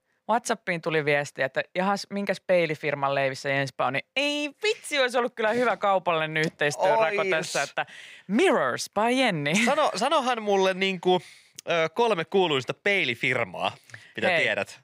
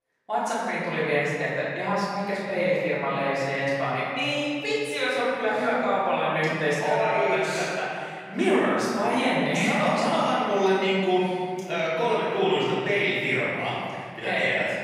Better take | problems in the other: first | off-mic speech; far // room echo; strong; dies away in 2.3 s

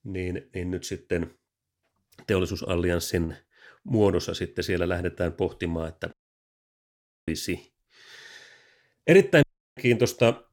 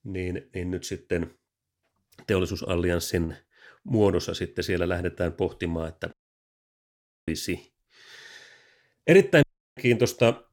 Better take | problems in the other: neither | audio cutting out; at 6 s for 1 s and at 9.5 s; the same in both

